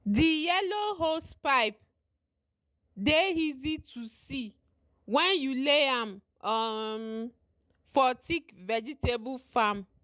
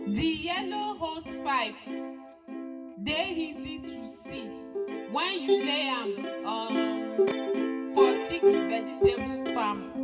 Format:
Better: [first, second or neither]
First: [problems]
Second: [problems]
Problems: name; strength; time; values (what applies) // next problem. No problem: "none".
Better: first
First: none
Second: background sound (Plucked string instrument); 4 dB above the speech // room echo; dies away in 1.1 s